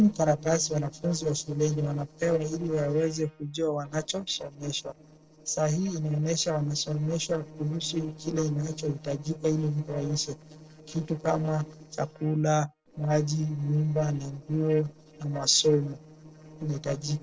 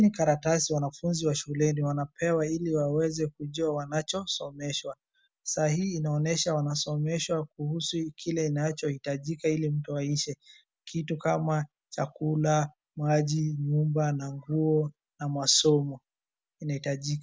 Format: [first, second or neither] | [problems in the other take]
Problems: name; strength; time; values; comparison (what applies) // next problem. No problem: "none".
second | noise reduction (neural separator model SepFormer DNS4)